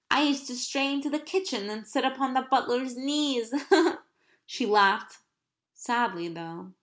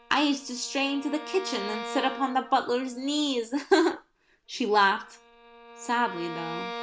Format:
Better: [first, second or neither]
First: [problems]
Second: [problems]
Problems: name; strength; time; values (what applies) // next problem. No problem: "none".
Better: first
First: none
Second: background sound (Bowed string instrument); 13 dB below the speech